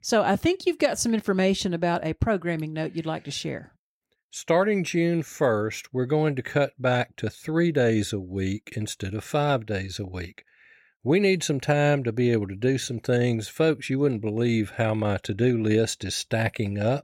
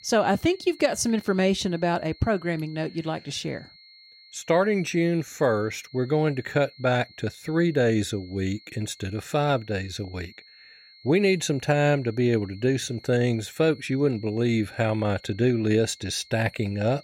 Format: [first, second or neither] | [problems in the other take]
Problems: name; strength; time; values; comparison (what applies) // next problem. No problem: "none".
first | high-pitched whine; faint; throughout; 4.5 kHz, 25 dB below the speech